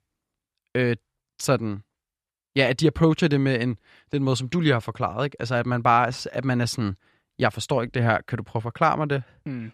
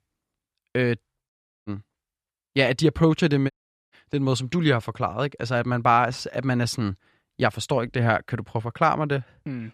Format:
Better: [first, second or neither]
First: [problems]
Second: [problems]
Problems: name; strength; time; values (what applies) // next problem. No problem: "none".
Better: first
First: none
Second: audio cutting out; at 1.5 s and at 3.5 s